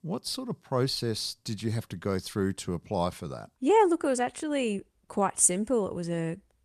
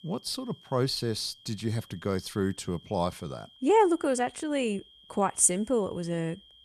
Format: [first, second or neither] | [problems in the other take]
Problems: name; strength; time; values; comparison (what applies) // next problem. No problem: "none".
first | high-pitched whine; faint; throughout; 3 kHz, 25 dB below the speech